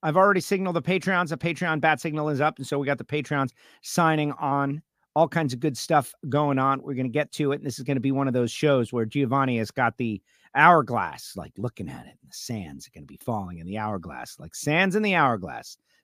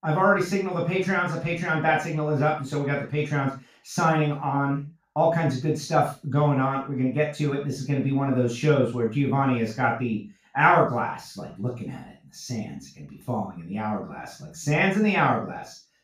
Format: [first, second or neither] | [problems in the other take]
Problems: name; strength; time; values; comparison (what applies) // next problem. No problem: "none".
first | room echo; noticeable; dies away in 0.3 s // off-mic speech; far